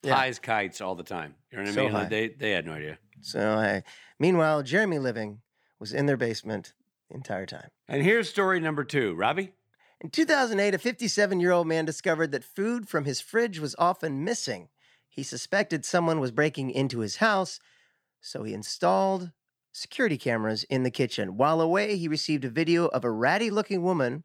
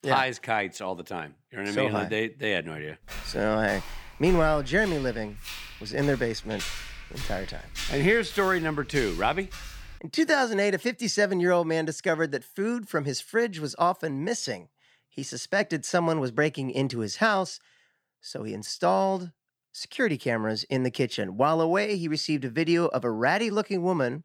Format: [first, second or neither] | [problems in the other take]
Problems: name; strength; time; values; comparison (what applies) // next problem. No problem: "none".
first | footsteps; noticeable; from 3 to 10 s; peak 7 dB below the speech